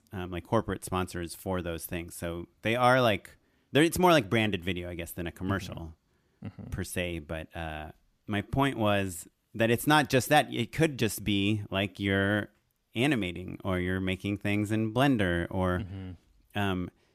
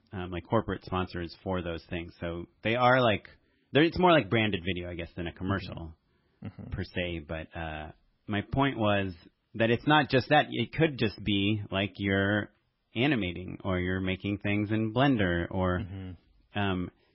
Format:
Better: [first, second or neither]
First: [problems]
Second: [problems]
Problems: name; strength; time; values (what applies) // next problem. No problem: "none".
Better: first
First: none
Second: garbled, watery; badly; nothing above 5.5 kHz